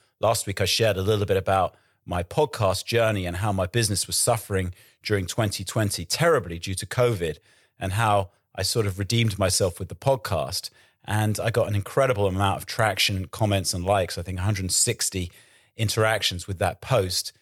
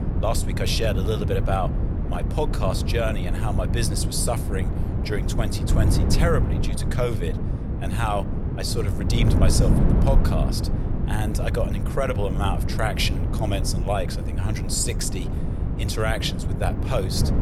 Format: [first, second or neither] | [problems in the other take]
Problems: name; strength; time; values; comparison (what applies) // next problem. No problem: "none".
first | wind noise on the microphone; heavy; 7 dB below the speech